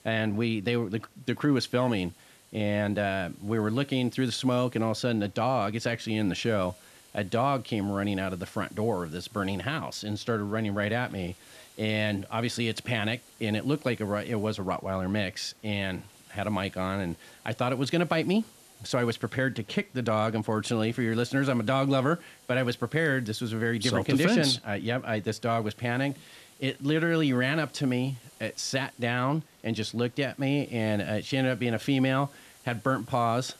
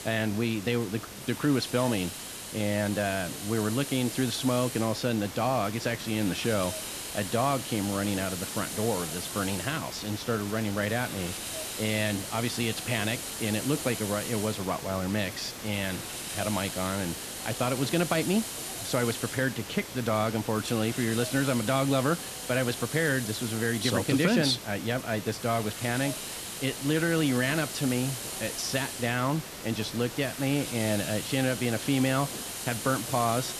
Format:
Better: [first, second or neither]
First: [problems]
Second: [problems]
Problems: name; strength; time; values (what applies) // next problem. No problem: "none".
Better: first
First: hiss; faint; throughout; 25 dB below the speech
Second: hiss; loud; throughout; 6 dB below the speech